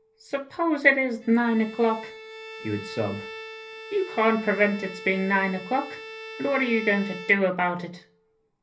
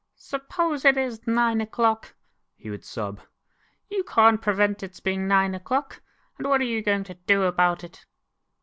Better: second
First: background sound (Bowed string instrument); 15 dB below the speech // room echo; dies away in 0.3 s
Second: none

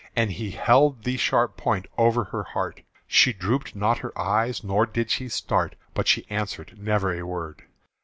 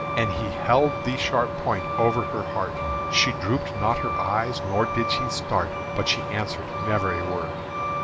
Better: first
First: none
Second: background sound (Truck); 2 dB below the speech

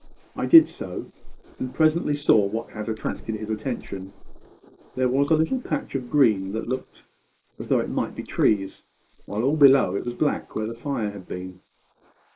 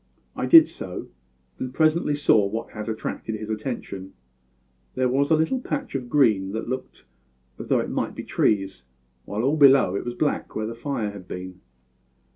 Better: second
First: noise reduction (neural mask model Resemble Enhance denoiser)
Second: none

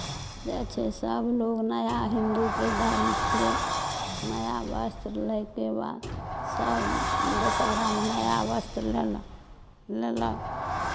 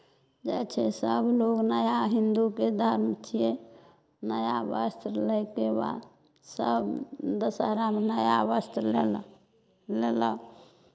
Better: second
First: background sound (Sliding door); 2 dB below the speech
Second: none

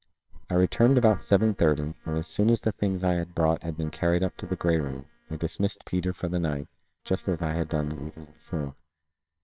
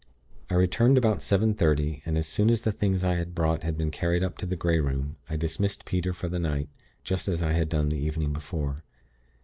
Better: second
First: noise reduction (neural separator model SepFormer WHAMR!)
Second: none

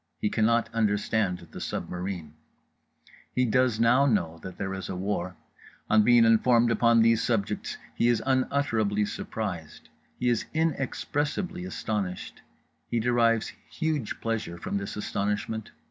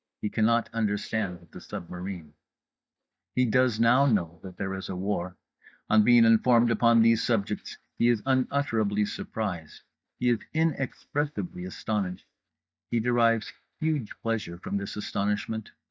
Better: first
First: none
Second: noise reduction (neural mask model DeepFilterNet 3)

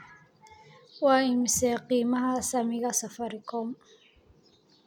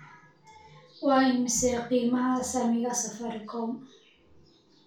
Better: first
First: none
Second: room echo; dies away in 0.3 s

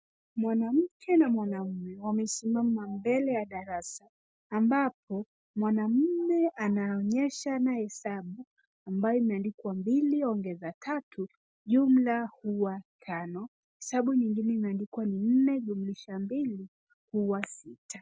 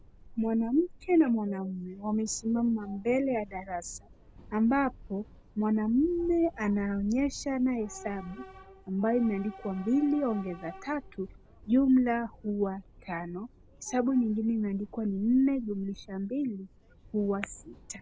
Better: first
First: none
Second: background sound (Subway, metro, underground / Train); 20 dB below the speech

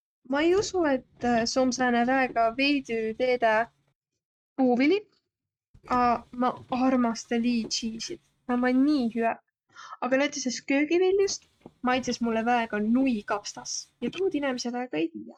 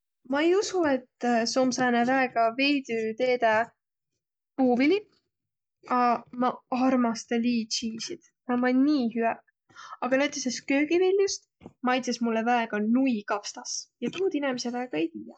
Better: second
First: noise reduction (neural mask model RNNoise)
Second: none

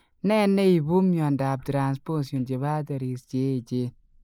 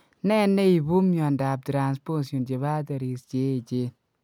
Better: second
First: noise reduction (neural mask model Resemble Enhance denoiser)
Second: none

